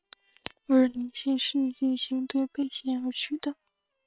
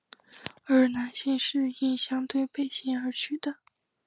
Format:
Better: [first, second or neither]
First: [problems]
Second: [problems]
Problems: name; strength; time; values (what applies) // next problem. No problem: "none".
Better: second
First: noise reduction (neural separator model SepFormer WHAM!)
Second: none